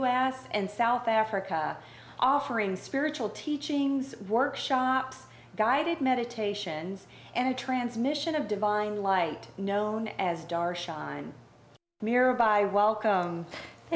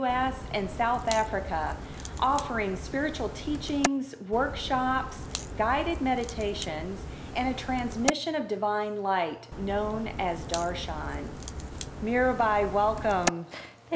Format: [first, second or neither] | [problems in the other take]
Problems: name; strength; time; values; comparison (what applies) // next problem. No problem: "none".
first | background sound (Crack); 7 dB below the speech